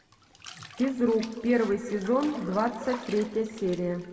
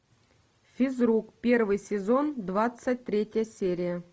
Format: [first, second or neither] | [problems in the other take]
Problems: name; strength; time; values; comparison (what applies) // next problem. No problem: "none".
second | background sound (Bathtub (filling or washing)); 17 dB below the speech // room echo; dies away in 1.8 s